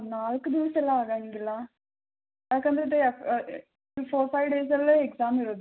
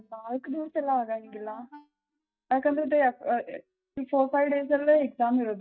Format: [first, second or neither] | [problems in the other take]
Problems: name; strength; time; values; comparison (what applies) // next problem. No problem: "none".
first | noise reduction (neural mask model DeepFilterNet 3)